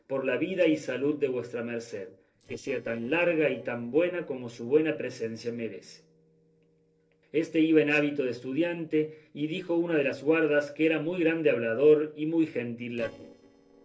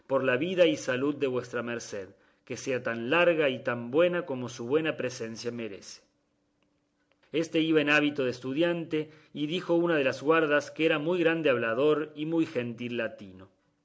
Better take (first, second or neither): second